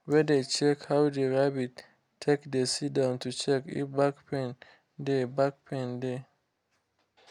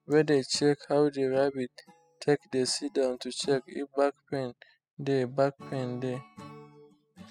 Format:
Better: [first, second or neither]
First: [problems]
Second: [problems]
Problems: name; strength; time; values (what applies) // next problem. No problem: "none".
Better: first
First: none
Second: noise reduction (classical method spectral subtraction)